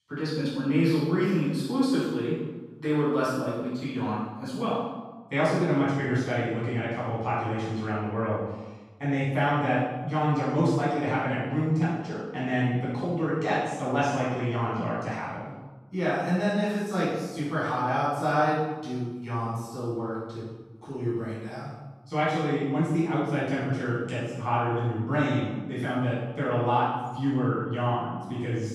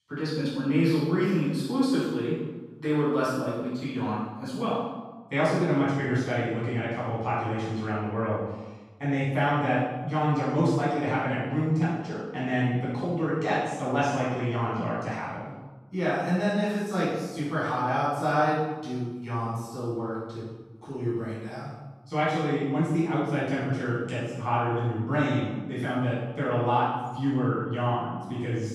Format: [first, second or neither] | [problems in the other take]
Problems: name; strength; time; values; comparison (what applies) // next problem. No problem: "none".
neither | room echo; strong; dies away in 1 s; the same in both // off-mic speech; far; the same in both